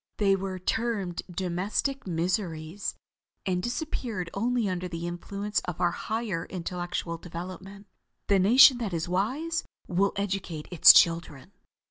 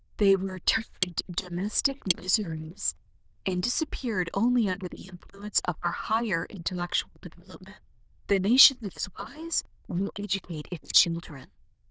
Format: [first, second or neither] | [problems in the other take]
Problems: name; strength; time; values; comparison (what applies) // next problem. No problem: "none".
first | noise reduction (neural diffusion model UNIVERSE++)